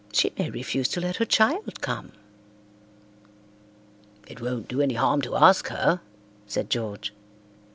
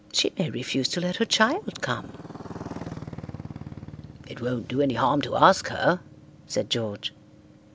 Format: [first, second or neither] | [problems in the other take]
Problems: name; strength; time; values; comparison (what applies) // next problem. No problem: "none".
first | background sound (Motorcycle); 15 dB below the speech